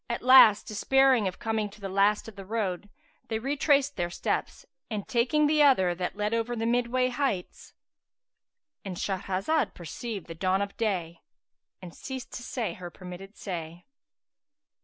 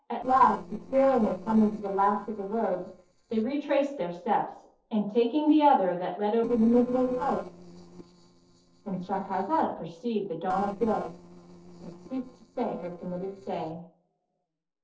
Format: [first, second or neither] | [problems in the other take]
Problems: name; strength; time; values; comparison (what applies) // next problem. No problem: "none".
first | noise reduction (neural separator model SepFormer DNS4)